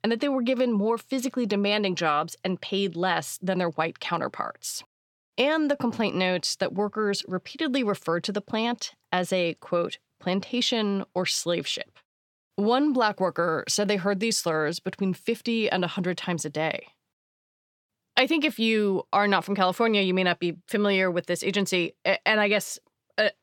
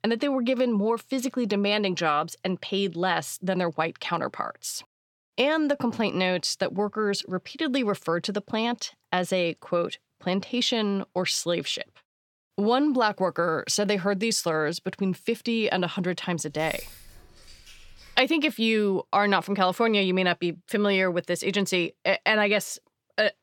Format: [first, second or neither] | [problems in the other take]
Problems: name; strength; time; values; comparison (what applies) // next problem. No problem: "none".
first | jangling keys; faint; from 17 to 18 s; peak 15 dB below the speech